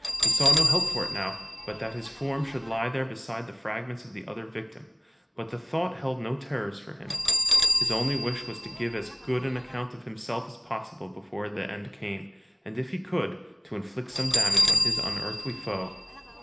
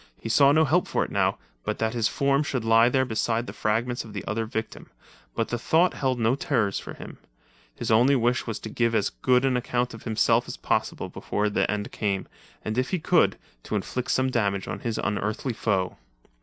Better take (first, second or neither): second